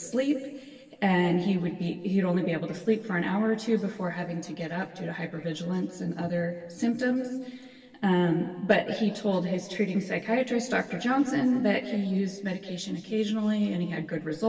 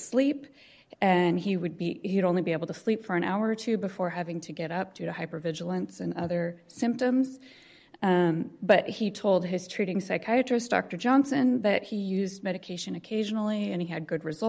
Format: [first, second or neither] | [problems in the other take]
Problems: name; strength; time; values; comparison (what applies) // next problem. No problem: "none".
second | room echo; dies away in 1.9 s